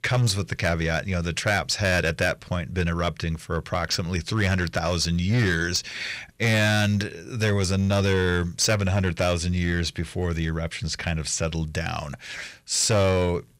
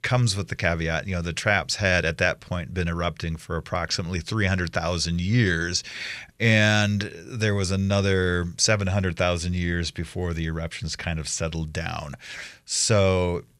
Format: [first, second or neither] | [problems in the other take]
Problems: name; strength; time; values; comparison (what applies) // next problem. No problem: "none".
second | distortion; slight; 6% of the sound clipped